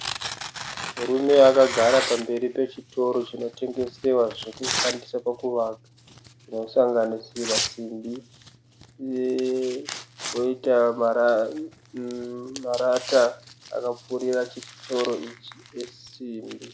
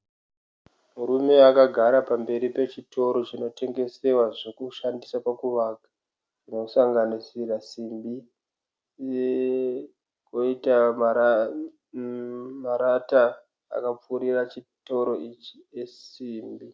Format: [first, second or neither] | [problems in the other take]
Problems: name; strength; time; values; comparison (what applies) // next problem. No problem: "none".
second | background sound (Tearing); 11 dB below the speech